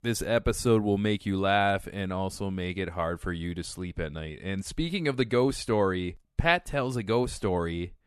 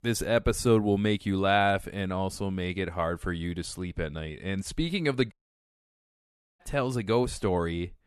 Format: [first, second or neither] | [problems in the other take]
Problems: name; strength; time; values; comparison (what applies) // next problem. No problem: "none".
first | audio cutting out; at 5.5 s for 1.5 s